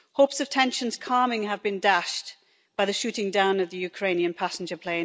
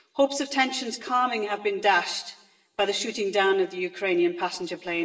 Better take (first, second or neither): first